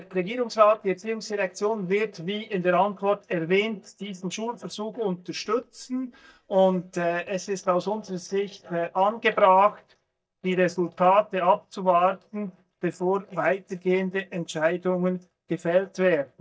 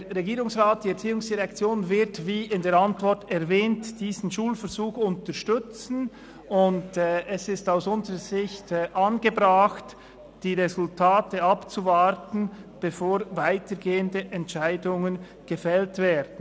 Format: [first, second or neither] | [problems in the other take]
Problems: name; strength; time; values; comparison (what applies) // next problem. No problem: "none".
second | noise reduction (neural mask model DeepFilterNet 3)